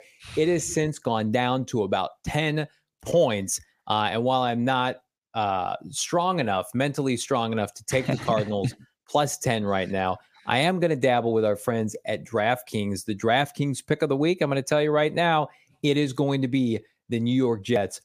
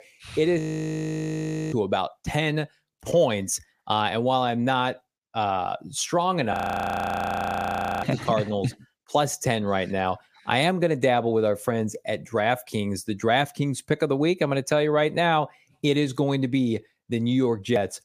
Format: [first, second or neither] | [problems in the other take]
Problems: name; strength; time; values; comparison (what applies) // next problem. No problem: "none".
first | audio freezing; at 0.5 s for 1 s and at 6.5 s for 1.5 s